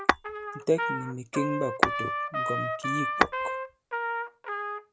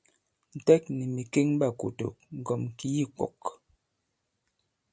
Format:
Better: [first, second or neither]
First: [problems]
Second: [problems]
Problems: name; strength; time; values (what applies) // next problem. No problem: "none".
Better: second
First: background sound (Trumpet + Tap / Glass); 4 dB above the speech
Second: none